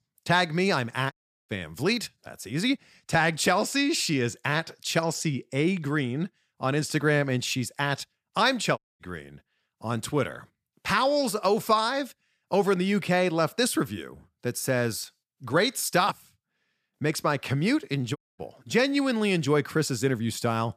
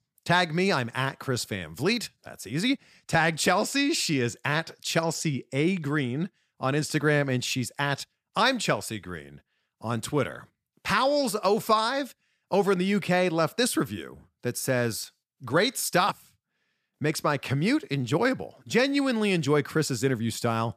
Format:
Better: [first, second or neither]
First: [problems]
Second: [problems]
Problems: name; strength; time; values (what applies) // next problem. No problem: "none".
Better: second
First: audio cutting out; at 1 s, at 9 s and at 18 s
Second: none